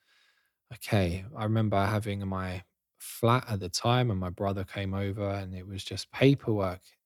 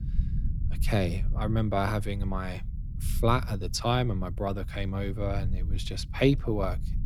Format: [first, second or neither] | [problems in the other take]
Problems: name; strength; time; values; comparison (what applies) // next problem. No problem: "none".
first | low rumble; noticeable; throughout; 20 dB below the speech